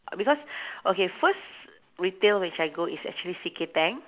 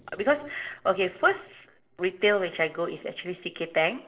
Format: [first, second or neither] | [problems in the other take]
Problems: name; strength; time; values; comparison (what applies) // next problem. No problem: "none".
first | noise reduction (neural separator model SepFormer DNS4)